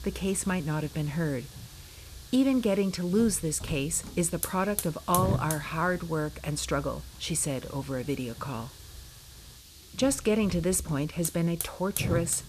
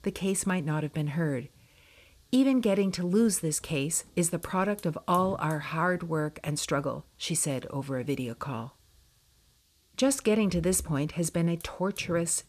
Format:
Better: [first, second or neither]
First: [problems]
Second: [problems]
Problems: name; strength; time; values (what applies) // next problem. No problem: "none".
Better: second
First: hiss; loud; throughout; 9 dB below the speech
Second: hiss; faint; throughout; 25 dB below the speech